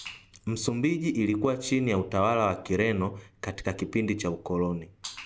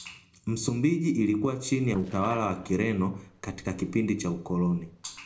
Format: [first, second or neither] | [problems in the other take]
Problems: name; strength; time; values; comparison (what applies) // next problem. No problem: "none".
first | noise reduction (neural separator model SepFormer DNS4)